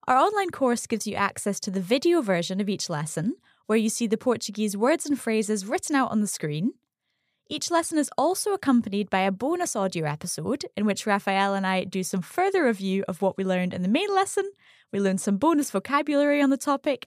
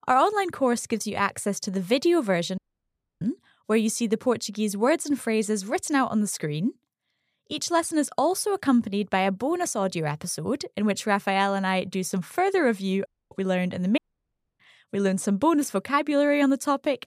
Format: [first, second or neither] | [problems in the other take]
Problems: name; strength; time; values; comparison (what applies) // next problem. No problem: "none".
first | audio cutting out; at 2.5 s for 0.5 s, at 13 s and at 14 s for 0.5 s